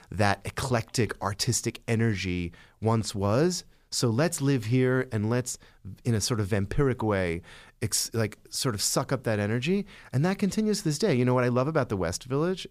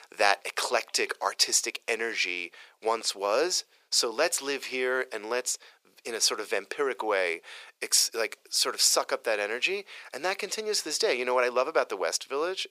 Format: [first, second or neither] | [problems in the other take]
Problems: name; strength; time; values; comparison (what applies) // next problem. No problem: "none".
first | thin; very; fading below 450 Hz